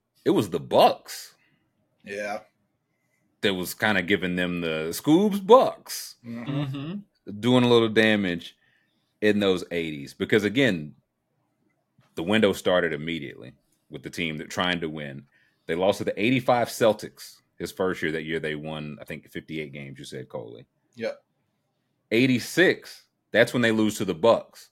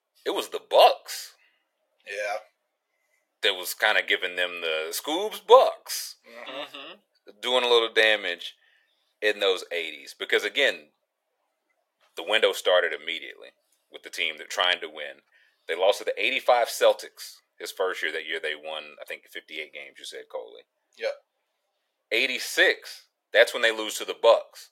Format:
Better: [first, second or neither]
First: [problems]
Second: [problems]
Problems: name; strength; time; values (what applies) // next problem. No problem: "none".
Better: first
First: none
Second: thin; very; fading below 500 Hz